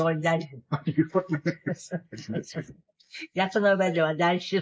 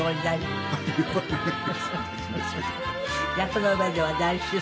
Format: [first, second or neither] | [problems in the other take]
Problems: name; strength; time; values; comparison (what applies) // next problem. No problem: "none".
second | noise reduction (neural mask model Resemble Enhance denoiser)